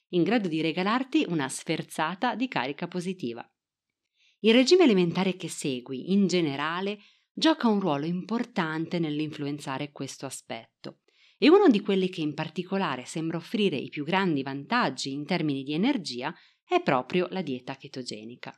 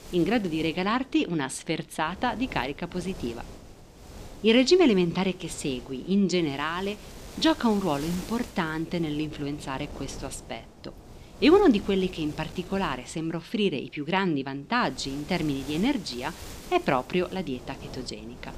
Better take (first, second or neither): first